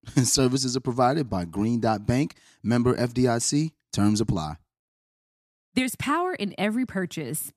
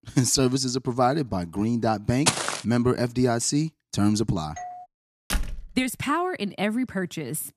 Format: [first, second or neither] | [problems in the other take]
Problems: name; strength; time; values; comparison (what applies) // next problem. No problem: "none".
first | footsteps; loud; at 2.5 s; peak 2 dB above the speech // doorbell; faint; at 4.5 s; peak 15 dB below the speech // door banging; noticeable; at 5.5 s; peak 6 dB below the speech